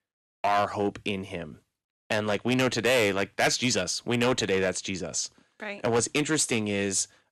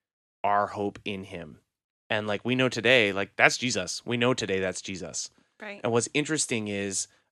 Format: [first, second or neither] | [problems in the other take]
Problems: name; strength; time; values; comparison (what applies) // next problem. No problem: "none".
second | distortion; heavy; 5% of the sound clipped